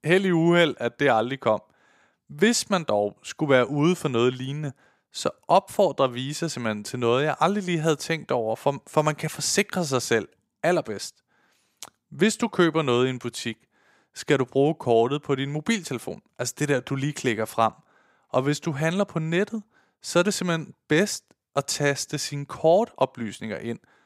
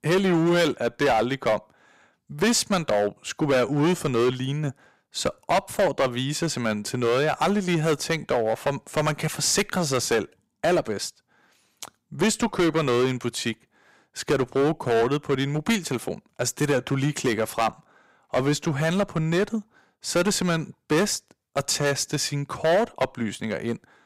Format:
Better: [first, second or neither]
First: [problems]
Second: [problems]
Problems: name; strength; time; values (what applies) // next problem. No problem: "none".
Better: first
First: none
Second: distortion; heavy; 8% of the sound clipped